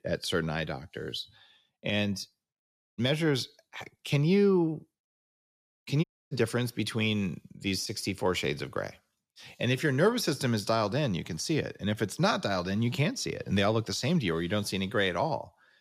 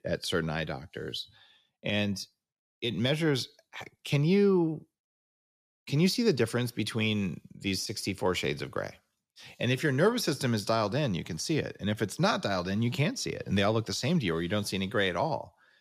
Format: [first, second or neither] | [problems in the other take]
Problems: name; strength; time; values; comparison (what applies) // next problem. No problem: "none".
second | audio cutting out; at 3 s and at 6 s